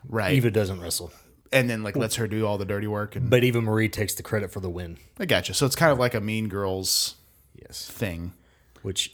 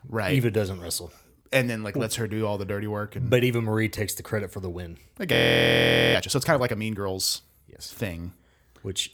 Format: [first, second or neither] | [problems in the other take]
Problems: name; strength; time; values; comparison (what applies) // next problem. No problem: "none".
first | audio freezing; at 5.5 s for 1 s